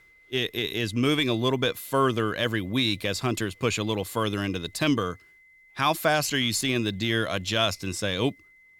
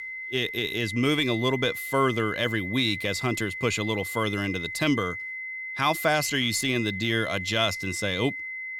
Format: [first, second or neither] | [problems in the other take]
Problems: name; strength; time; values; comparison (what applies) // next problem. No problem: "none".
first | high-pitched whine; loud; throughout; 2 kHz, 7 dB below the speech; faint in the first